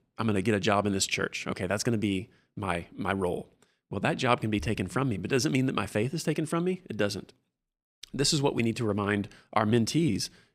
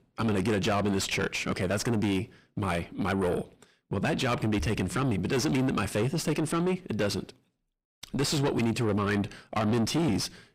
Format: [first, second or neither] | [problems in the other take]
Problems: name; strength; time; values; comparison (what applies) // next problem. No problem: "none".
first | distortion; heavy; 6 dB below the speech